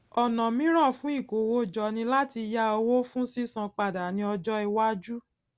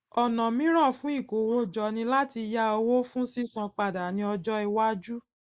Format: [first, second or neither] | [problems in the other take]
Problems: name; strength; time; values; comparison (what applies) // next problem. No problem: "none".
first | noise reduction (neural mask model Resemble Enhance denoiser)